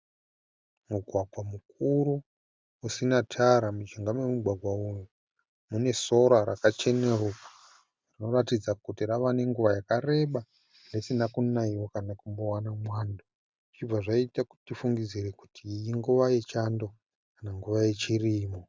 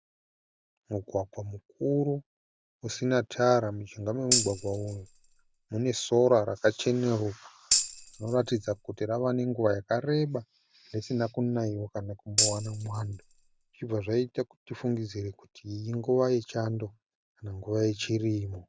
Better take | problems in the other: first | background sound (Tambourine); 2 dB below the speech

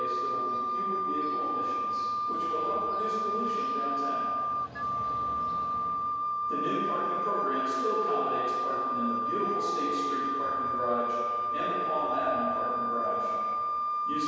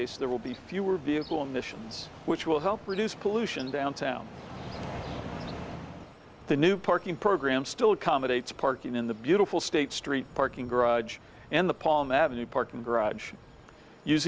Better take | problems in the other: second | background sound (Wind instrument, woodwind instrument); 5 dB above the speech // room echo; dies away in 1.9 s

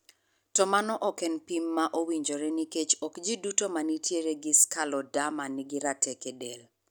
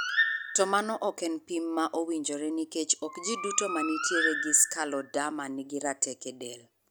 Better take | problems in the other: first | background sound (Bird); 5 dB below the speech

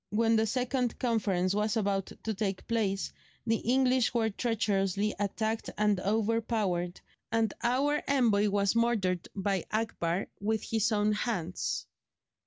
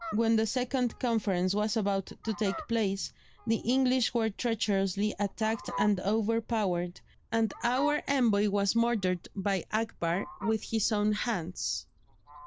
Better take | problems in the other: first | background sound (Fowl); 17 dB below the speech

